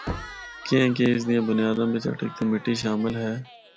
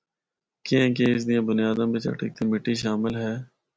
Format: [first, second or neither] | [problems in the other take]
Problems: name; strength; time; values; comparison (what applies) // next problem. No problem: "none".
second | background sound (Crowd / Cheering + Knock); 15 dB below the speech